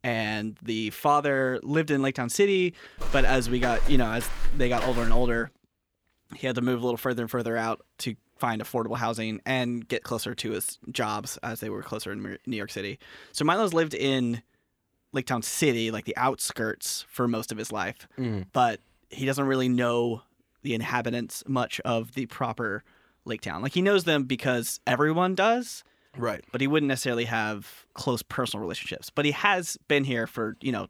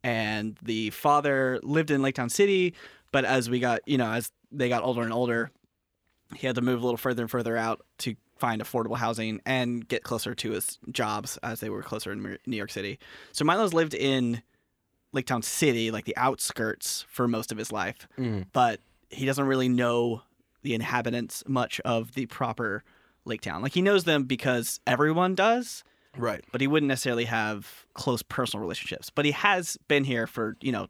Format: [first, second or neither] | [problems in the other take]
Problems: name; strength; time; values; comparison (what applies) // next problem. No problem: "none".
second | footsteps; noticeable; from 3 to 5.5 s; peak 6 dB below the speech